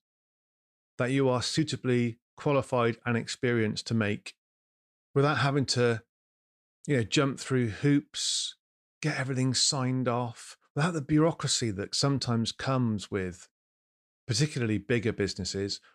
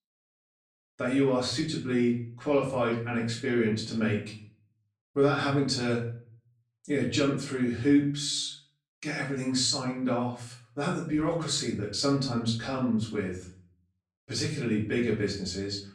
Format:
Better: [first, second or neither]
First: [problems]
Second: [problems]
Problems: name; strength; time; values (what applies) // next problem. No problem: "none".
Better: first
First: none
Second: off-mic speech; far // room echo; slight; dies away in 0.4 s